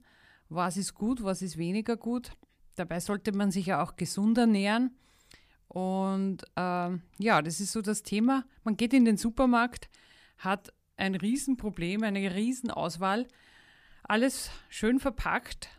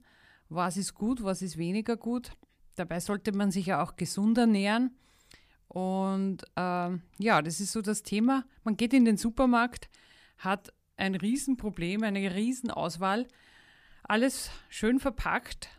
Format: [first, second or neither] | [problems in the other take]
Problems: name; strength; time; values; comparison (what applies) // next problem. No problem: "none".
neither | none